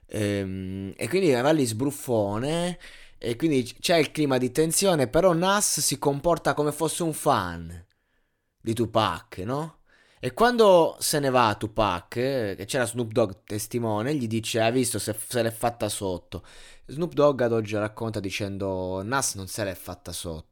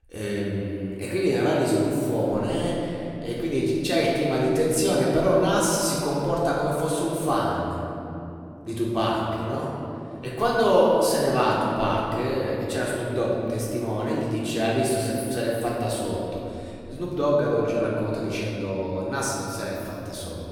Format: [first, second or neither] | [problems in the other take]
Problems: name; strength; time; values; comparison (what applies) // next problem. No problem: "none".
first | off-mic speech; far // room echo; strong; dies away in 2.9 s